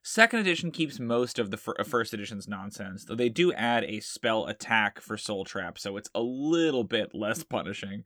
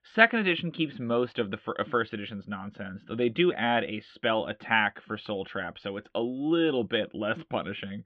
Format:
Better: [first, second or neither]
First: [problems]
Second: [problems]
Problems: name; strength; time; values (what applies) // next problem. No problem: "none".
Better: first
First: none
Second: muffled; very; fading above 3.5 kHz